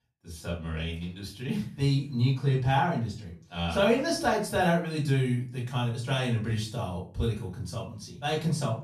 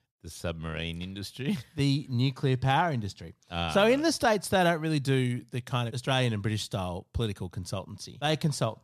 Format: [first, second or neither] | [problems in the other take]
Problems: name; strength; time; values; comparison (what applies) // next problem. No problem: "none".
second | off-mic speech; far // room echo; slight; dies away in 0.3 s